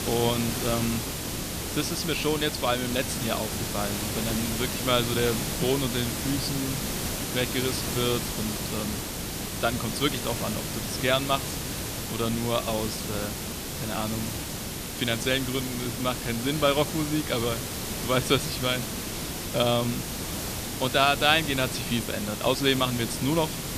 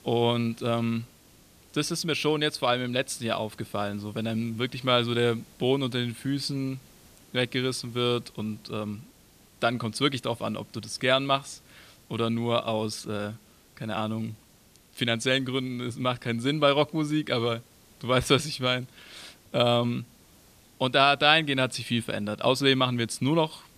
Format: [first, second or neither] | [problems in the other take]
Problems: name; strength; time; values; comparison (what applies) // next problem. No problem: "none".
second | hiss; loud; throughout; 3 dB below the speech; faint in the second